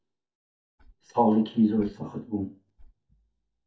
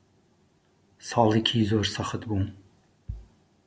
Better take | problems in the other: second | noise reduction (neural mask model DeepFilterNet 3)

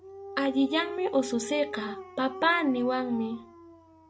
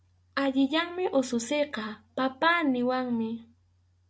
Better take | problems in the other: second | background sound (Dog); 11 dB below the speech

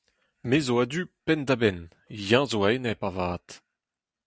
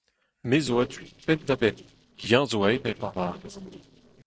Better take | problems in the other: first | noise reduction (neural separator model SepFormer DNS4)

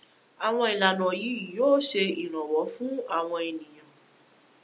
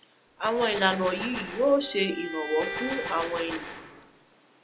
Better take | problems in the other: first | background sound (Bowed string instrument + Gunshot, gunfire); 9 dB below the speech

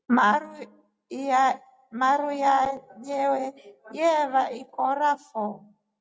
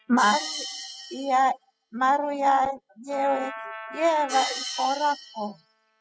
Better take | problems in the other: first | noise reduction (classical method spectral subtraction)

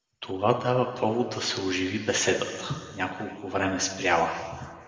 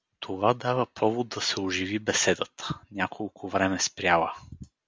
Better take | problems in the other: second | room echo; dies away in 2 s

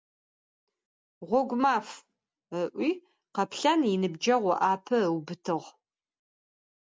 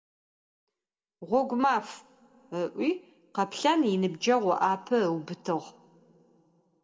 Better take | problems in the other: first | room echo; dies away in 0.9 s

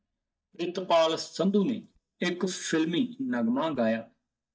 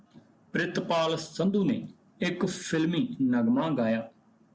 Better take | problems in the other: second | noise reduction (neural mask model DeepFilterNet 3)

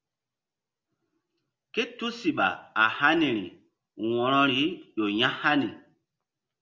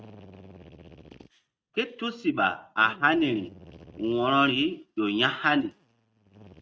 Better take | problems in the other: first | noise reduction (neural mask model RNNoise)

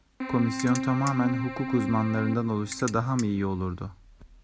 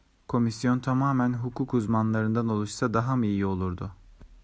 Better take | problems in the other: second | background sound (Keyboard (musical) + Ratchet, pawl); 6 dB below the speech

